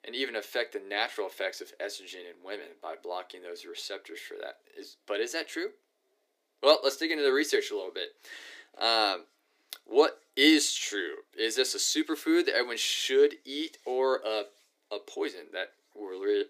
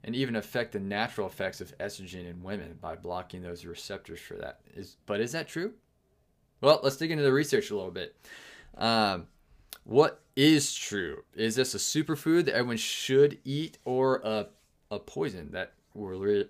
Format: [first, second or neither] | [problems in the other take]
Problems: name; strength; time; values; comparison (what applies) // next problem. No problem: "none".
second | thin; somewhat; fading below 300 Hz